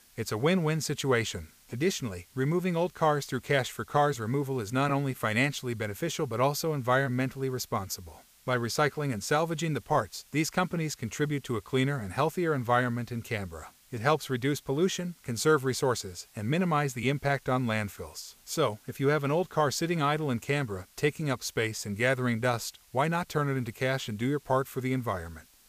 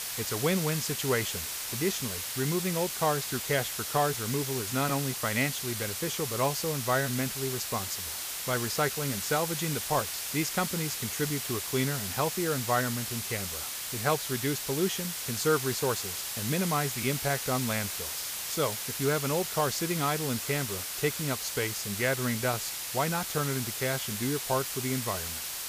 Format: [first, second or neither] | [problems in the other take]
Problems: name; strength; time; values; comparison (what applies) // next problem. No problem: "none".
first | hiss; loud; throughout; 2 dB below the speech; faint in the first